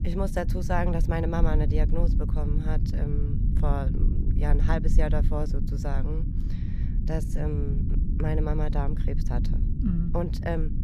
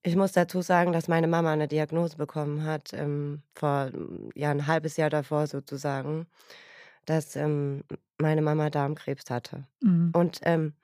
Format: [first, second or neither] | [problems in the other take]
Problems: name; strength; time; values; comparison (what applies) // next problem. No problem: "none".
second | low rumble; loud; throughout; 7 dB below the speech